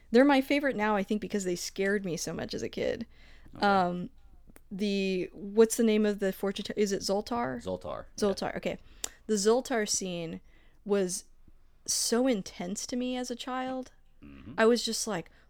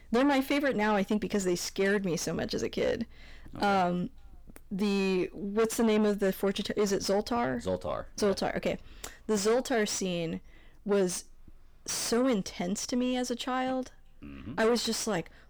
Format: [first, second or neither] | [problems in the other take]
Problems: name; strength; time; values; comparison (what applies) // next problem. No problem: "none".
first | distortion; heavy; 7 dB below the speech